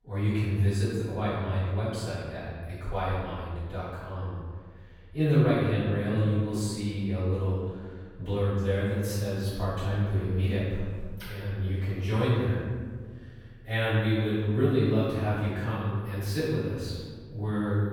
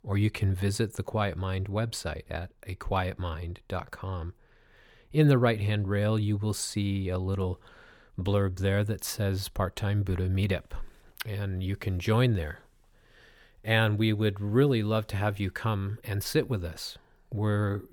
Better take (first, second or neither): second